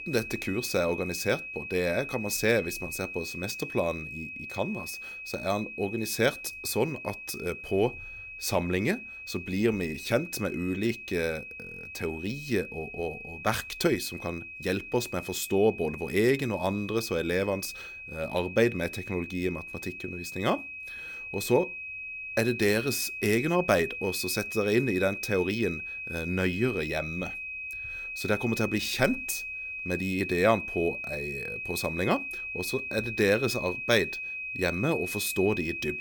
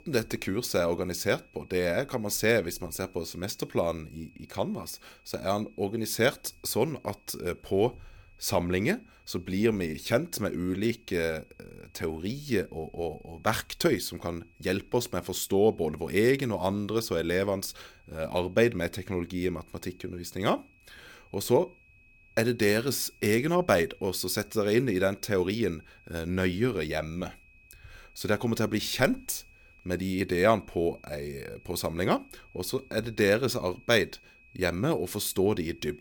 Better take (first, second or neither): second